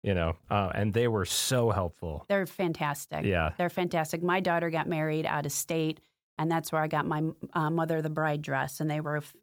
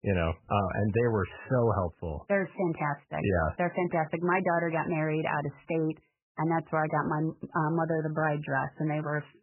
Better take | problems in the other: first | garbled, watery; badly; nothing above 3 kHz

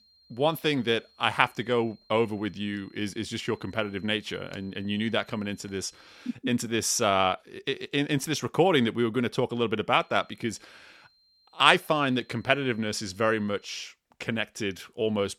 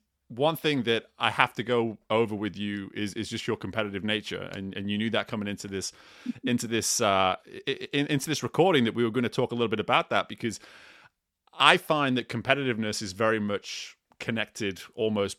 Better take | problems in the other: second | high-pitched whine; faint; until 6.5 s and from 10 to 14 s; 4 kHz, 35 dB below the speech

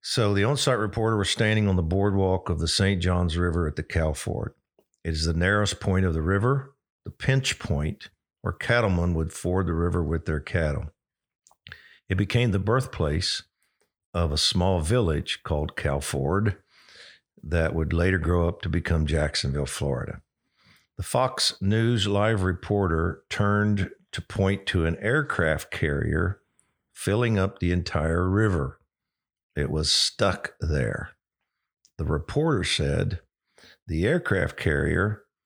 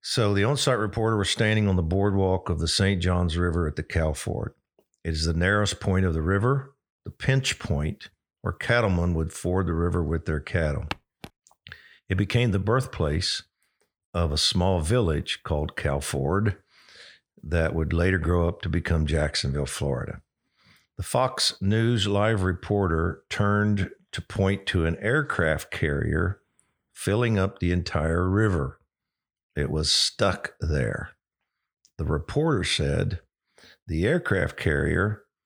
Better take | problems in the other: first | footsteps; very faint; at 11 s; peak 10 dB below the speech

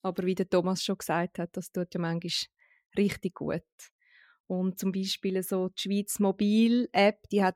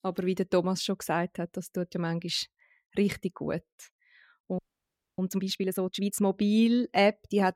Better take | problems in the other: first | audio freezing; at 4.5 s for 0.5 s

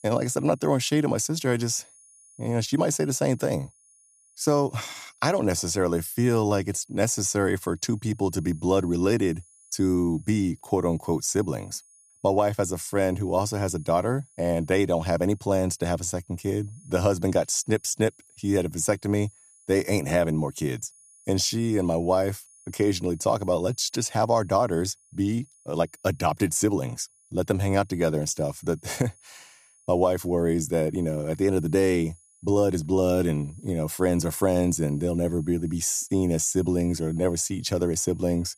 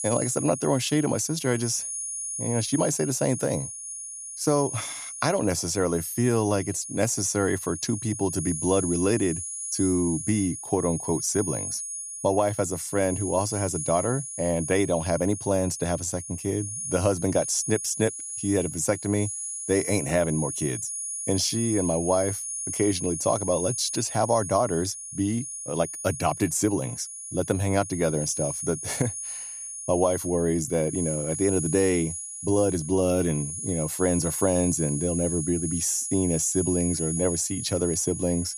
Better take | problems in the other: first | high-pitched whine; loud; throughout; 10 kHz, 6 dB below the speech; faint in the first

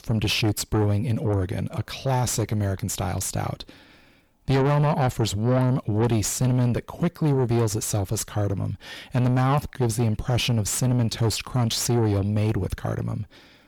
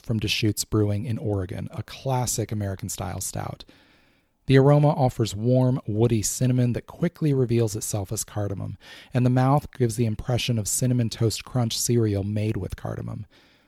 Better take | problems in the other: second | distortion; heavy; 8 dB below the speech

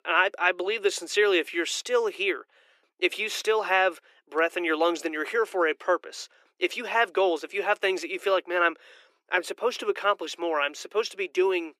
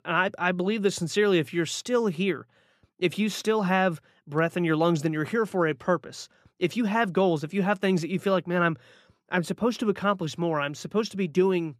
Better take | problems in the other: second | thin; very; fading below 350 Hz

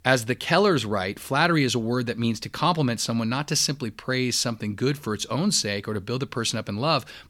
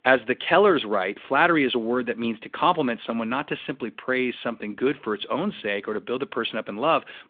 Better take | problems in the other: first | phone-call audio

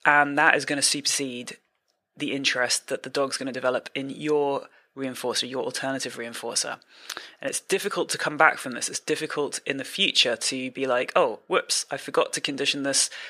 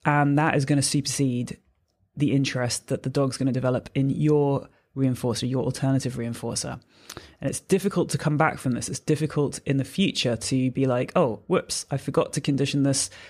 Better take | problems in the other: second | thin; somewhat; fading below 500 Hz

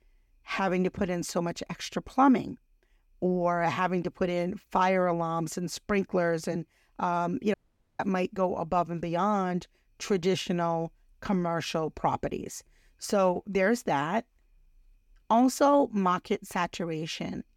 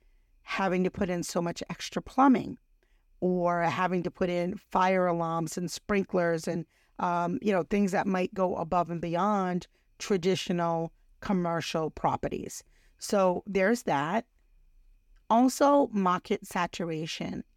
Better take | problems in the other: second | audio cutting out; at 7.5 s

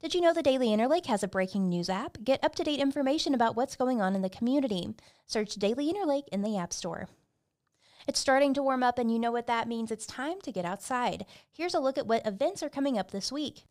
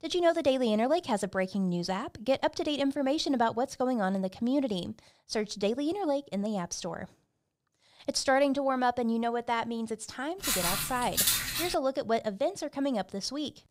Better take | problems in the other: first | footsteps; loud; from 10 to 12 s; peak 5 dB above the speech

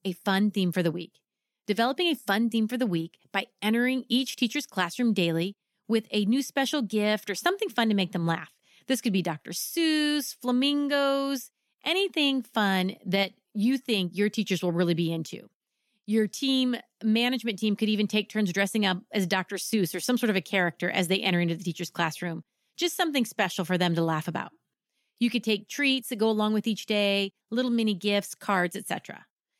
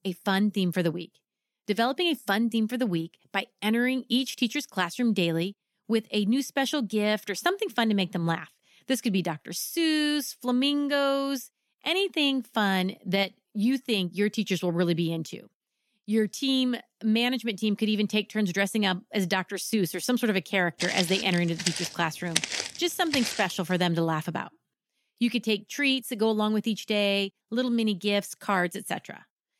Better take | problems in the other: first | footsteps; loud; from 21 to 24 s; peak level with the speech

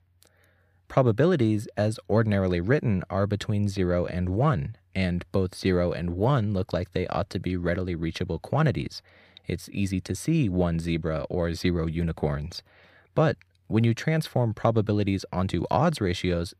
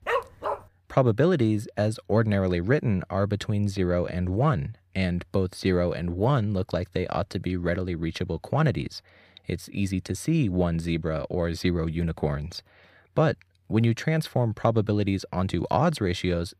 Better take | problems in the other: first | dog barking; noticeable; at the start; peak 2 dB below the speech

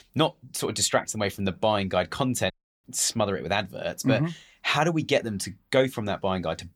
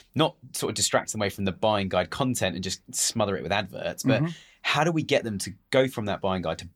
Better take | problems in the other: second | audio cutting out; at 2.5 s

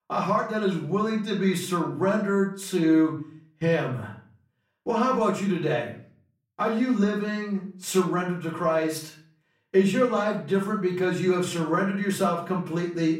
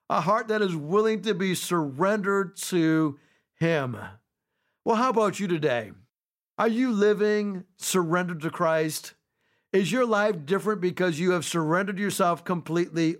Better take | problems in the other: second | off-mic speech; far // room echo; slight; dies away in 0.4 s

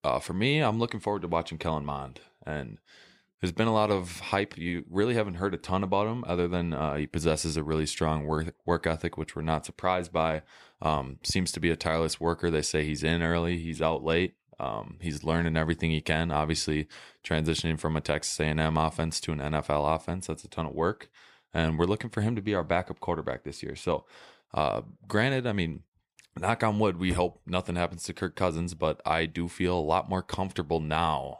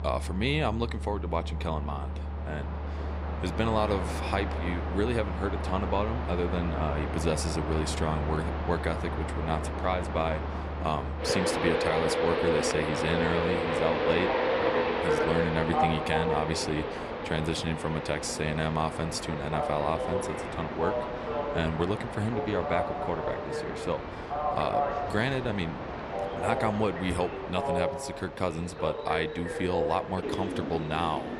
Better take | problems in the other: first | train or aircraft noise; loud; throughout; as loud as the speech

